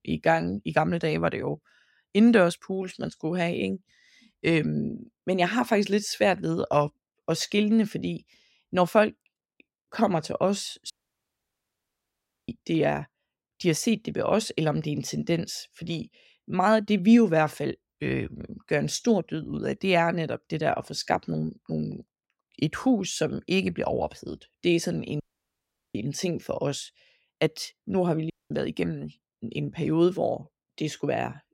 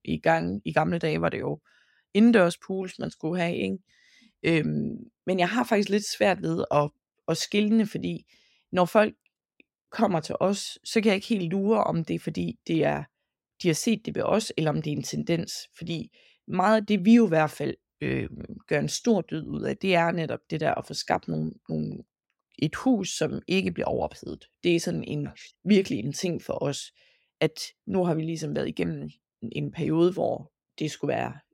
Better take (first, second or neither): second